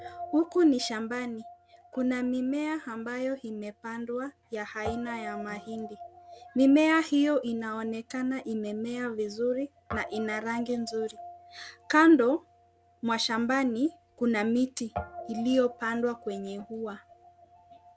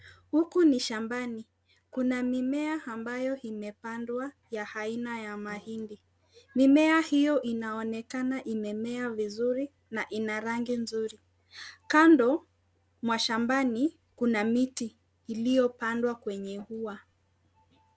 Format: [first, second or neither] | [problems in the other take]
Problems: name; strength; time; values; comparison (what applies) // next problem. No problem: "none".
second | background sound (Guitar); 17 dB below the speech